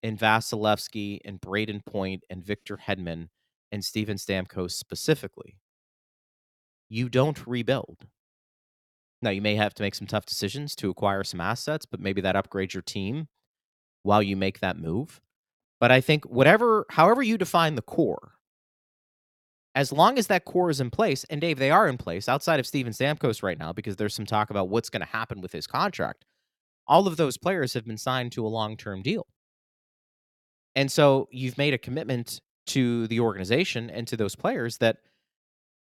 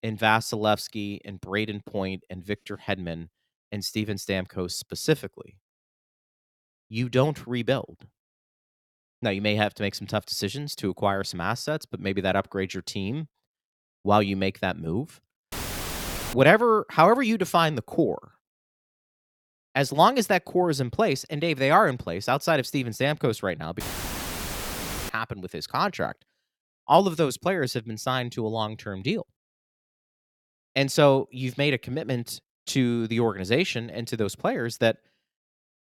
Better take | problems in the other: first | audio cutting out; filled with static; at 16 s for 1 s and at 24 s for 1.5 s

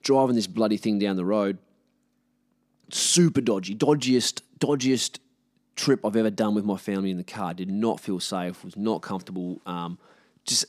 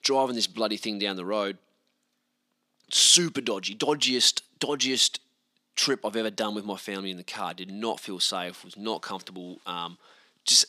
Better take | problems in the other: first | thin; very slightly; fading below 750 Hz

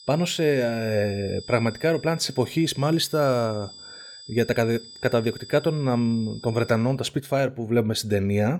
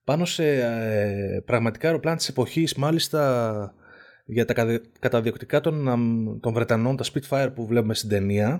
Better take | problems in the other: second | high-pitched whine; noticeable; until 7 s; 5 kHz, 15 dB below the speech

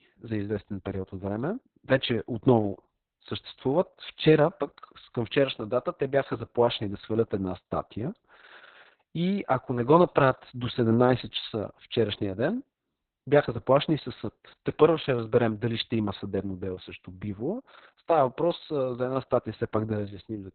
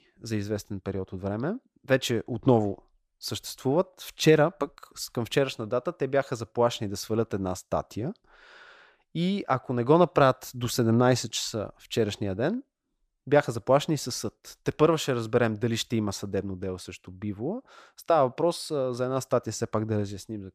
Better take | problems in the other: second | garbled, watery; badly; nothing above 4 kHz

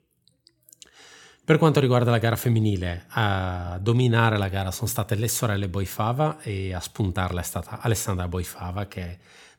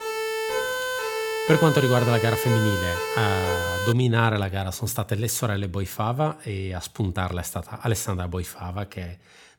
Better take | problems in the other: first | siren; noticeable; until 4 s; peak 1 dB below the speech

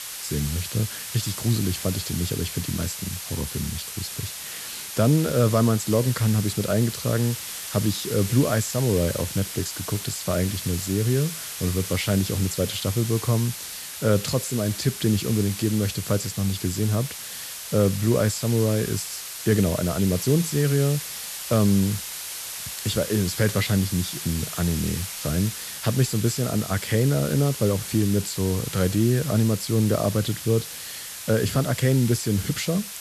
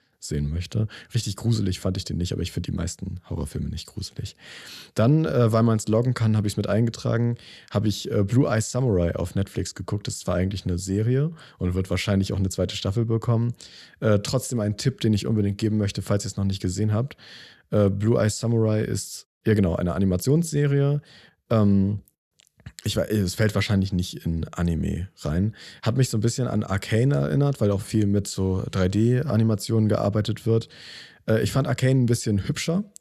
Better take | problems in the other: second | hiss; loud; throughout; 8 dB below the speech

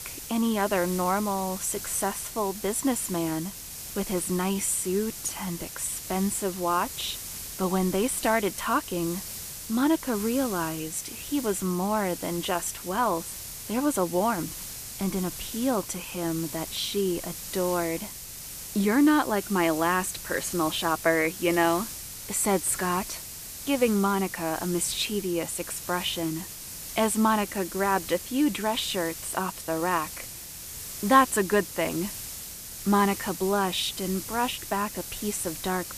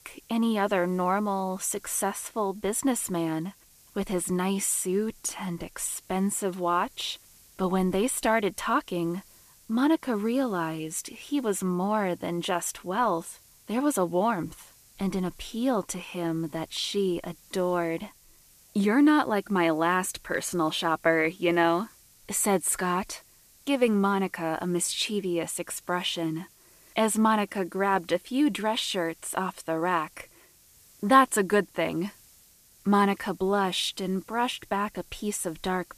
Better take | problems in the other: second | hiss; loud; throughout; 9 dB below the speech; faint in the second

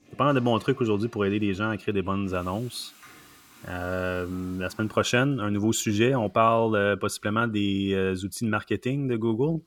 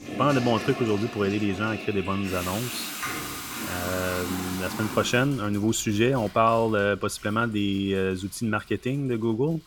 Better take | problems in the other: first | household noises; loud; throughout; 8 dB below the speech; faint in the first

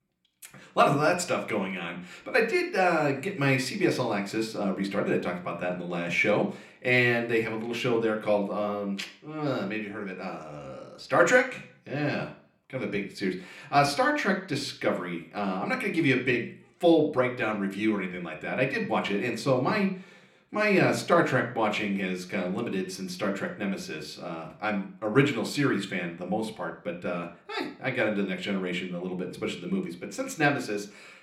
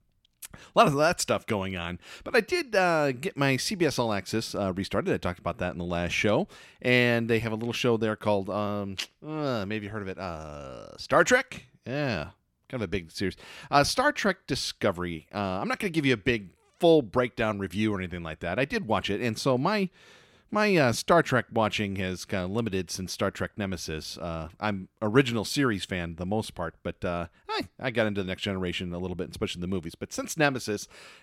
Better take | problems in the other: second | room echo; very slight; dies away in 0.4 s

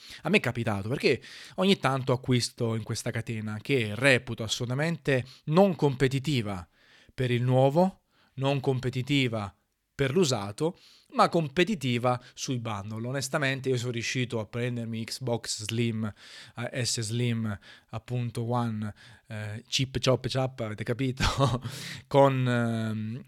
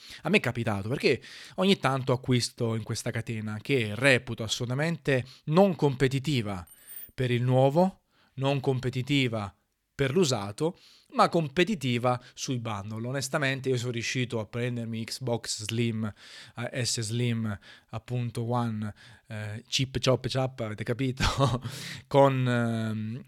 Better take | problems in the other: first | jangling keys; faint; at 6.5 s; peak 15 dB below the speech

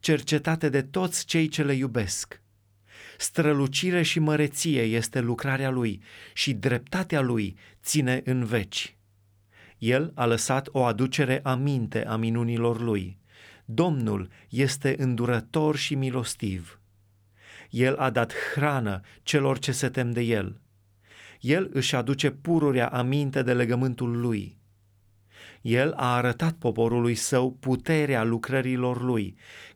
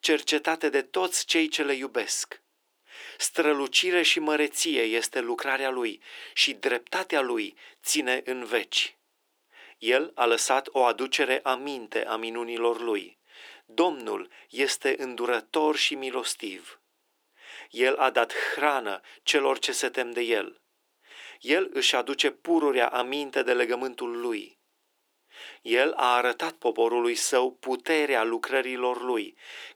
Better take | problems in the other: first | thin; very; fading below 350 Hz

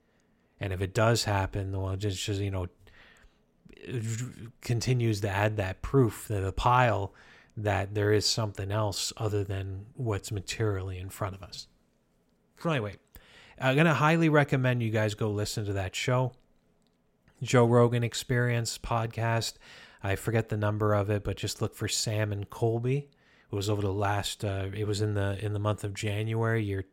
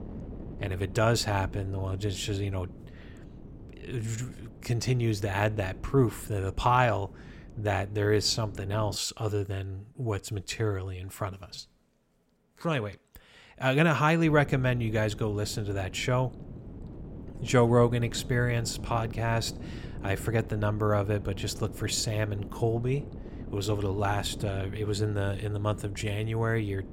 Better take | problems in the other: first | wind noise on the microphone; occasional gusts; until 9 s and from 14 s on; 20 dB below the speech

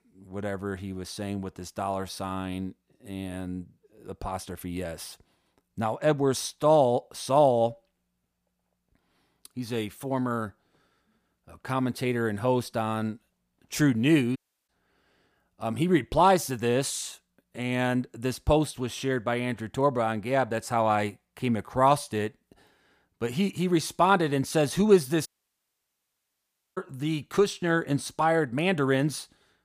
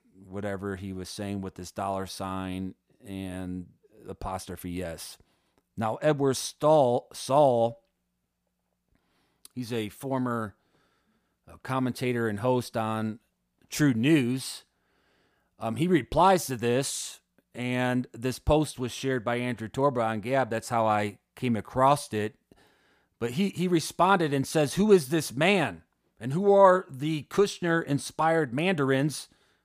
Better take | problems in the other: second | audio cutting out; at 14 s and at 25 s for 1.5 s

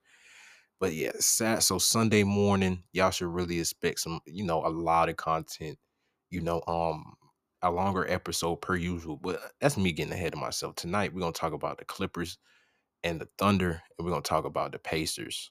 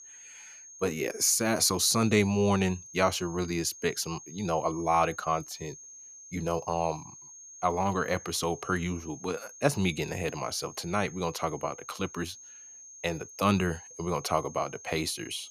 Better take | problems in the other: first | high-pitched whine; noticeable; throughout; 6.5 kHz, 15 dB below the speech

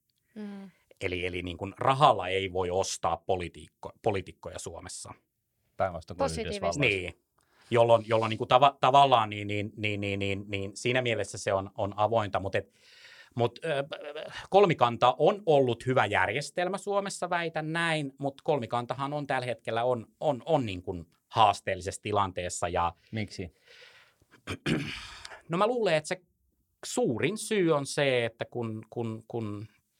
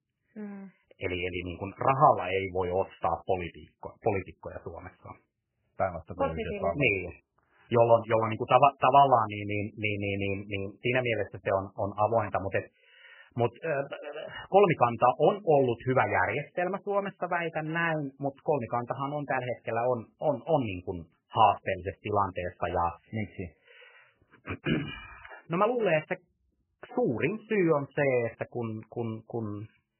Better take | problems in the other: first | garbled, watery; badly; nothing above 3 kHz

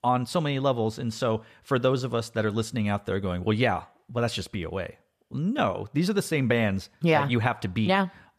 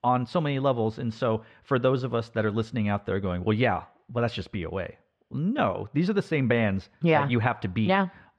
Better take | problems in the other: first | muffled; slightly; fading above 3 kHz

